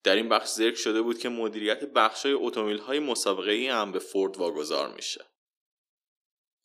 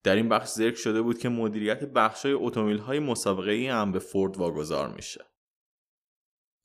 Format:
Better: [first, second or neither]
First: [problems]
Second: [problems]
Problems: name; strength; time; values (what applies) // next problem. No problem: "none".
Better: second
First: thin; very slightly; fading below 300 Hz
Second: none